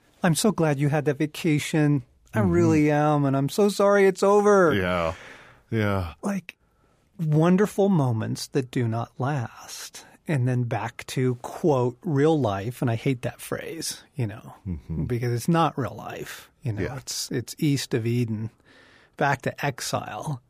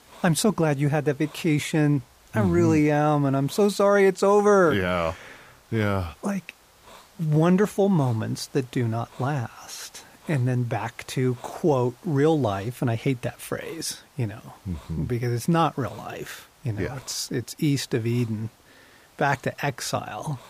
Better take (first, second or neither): first